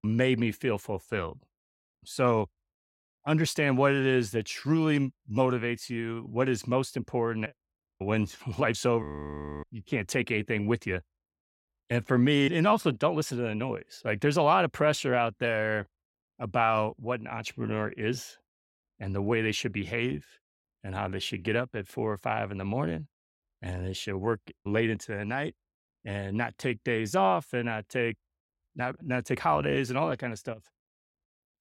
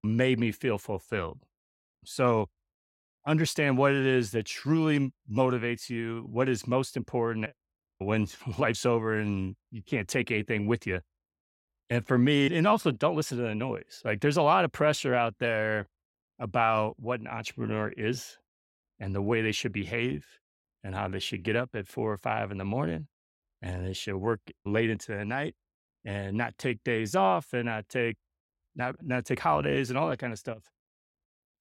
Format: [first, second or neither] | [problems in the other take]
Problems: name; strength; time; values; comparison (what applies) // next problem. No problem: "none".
second | audio freezing; at 9 s for 0.5 s